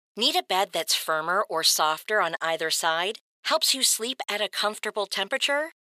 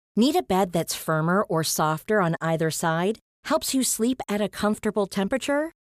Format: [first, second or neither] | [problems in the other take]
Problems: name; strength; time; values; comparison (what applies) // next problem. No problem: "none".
second | thin; very; fading below 600 Hz